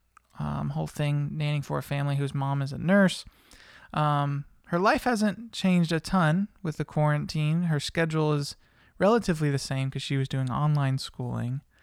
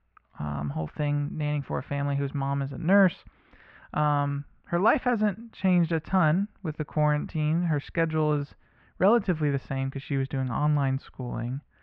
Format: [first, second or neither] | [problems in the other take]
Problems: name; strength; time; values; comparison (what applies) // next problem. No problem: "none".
first | muffled; very; fading above 2.5 kHz